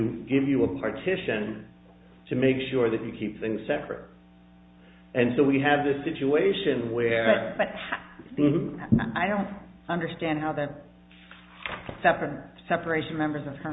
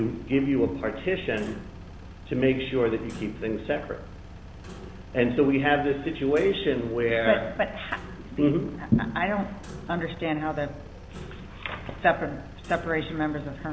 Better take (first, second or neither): first